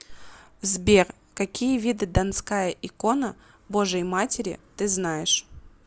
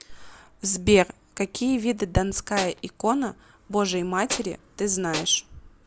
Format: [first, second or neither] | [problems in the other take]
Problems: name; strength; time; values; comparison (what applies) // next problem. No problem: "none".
first | background sound (Tools); 8 dB below the speech